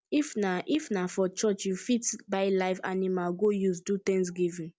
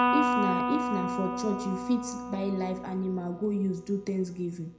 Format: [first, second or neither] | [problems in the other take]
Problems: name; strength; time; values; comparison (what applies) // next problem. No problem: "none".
first | background sound (Electric guitar); 1 dB below the speech // room echo; dies away in 0.5 s